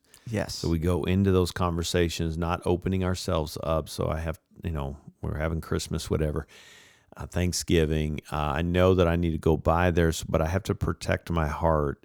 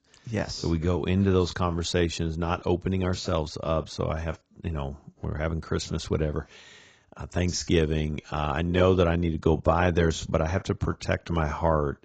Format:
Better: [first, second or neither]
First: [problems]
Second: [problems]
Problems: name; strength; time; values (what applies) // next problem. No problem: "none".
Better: first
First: none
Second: garbled, watery; badly; nothing above 7.5 kHz